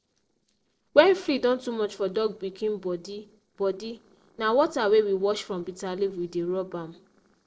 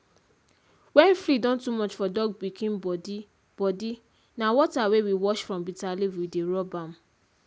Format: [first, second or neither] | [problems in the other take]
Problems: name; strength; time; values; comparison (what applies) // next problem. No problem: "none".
second | noise reduction (neural separator model SepFormer DNS4)